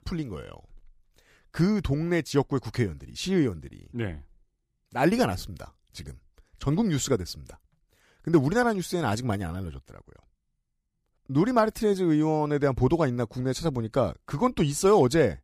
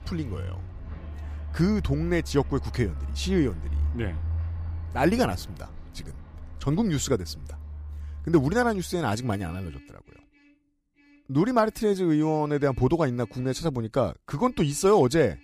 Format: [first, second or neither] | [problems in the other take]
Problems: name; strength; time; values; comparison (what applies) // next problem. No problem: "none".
first | traffic noise; noticeable; throughout; 10 dB below the speech